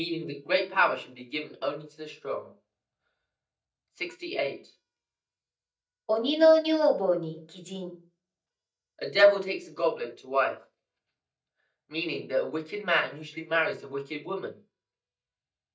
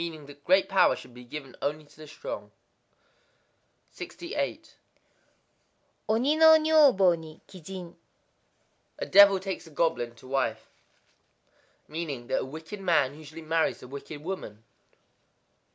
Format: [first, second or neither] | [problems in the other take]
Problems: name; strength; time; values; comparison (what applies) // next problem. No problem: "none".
second | noise reduction (neural mask model DeepFilterNet 3)